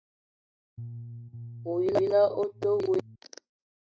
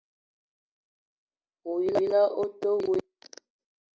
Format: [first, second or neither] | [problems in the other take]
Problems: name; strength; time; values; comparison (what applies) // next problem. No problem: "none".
second | noise reduction (neural mask model RNNoise)